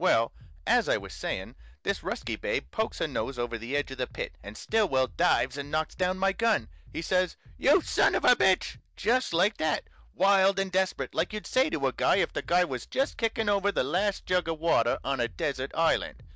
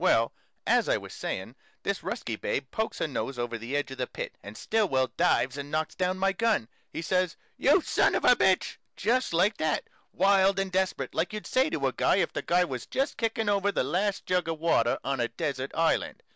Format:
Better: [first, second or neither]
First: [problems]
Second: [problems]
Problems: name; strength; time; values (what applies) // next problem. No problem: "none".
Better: second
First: noise reduction (neural mask model DeepFilterNet 3)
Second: none